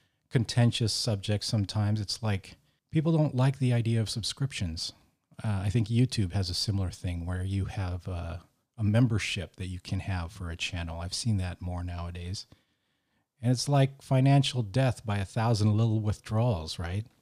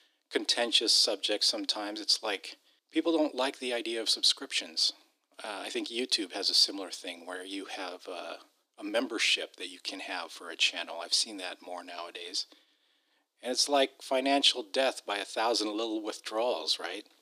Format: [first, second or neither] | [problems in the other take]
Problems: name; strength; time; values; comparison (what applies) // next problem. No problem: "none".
first | thin; very; fading below 300 Hz